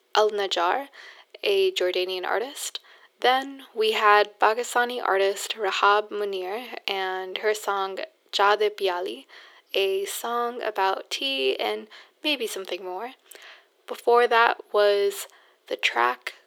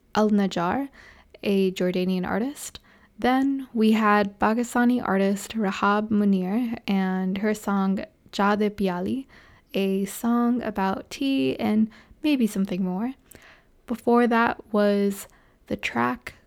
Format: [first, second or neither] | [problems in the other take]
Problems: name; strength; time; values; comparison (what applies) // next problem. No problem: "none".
second | thin; very; fading below 400 Hz